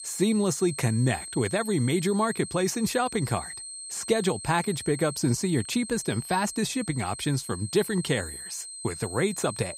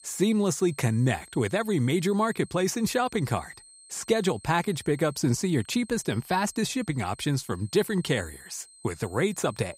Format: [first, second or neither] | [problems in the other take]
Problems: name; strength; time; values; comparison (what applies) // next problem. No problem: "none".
second | high-pitched whine; loud; throughout; 8.5 kHz, 10 dB below the speech; faint in the second